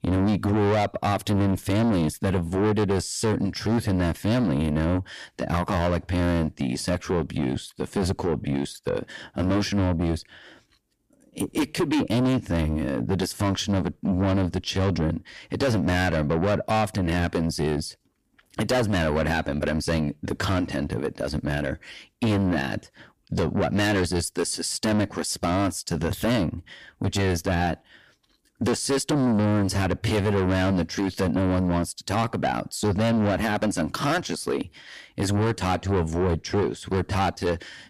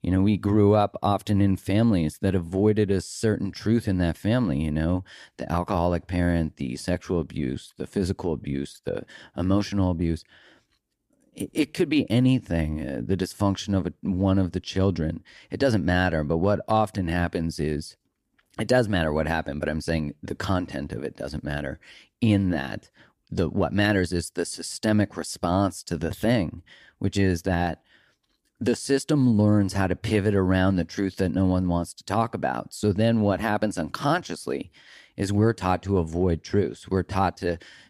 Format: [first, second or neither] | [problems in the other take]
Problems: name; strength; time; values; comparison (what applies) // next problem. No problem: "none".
second | distortion; heavy; 6 dB below the speech